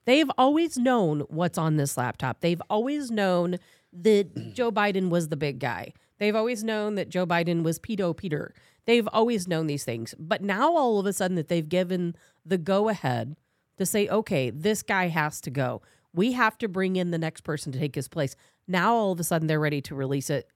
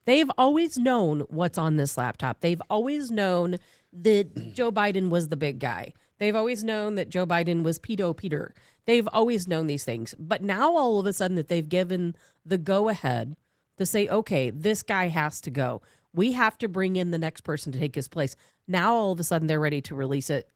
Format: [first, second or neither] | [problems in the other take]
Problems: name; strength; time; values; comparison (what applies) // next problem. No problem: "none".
first | garbled, watery; slightly; nothing above 18.5 kHz